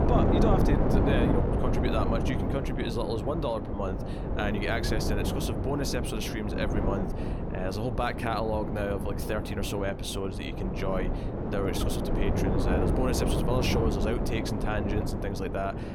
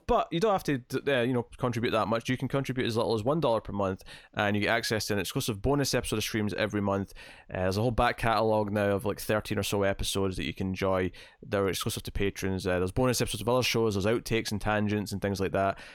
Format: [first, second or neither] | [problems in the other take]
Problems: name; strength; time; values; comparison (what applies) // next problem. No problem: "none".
second | wind noise on the microphone; heavy; 1 dB below the speech